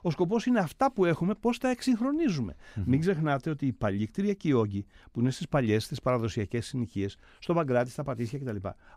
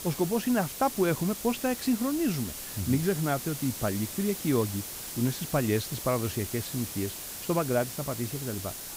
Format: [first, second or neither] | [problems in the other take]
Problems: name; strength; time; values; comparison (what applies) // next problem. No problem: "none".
first | hiss; loud; throughout; 7 dB below the speech